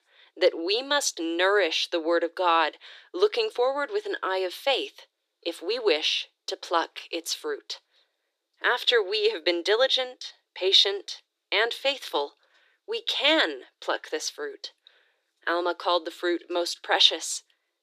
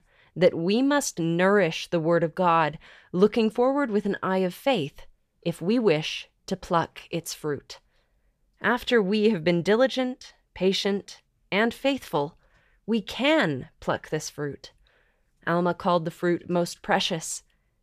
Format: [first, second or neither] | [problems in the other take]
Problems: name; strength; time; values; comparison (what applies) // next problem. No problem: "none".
second | thin; very; fading below 300 Hz